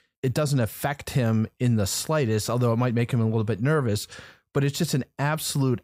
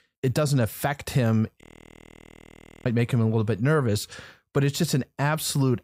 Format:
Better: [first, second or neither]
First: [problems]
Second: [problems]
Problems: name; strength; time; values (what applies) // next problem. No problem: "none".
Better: first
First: none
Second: audio freezing; at 1.5 s for 1 s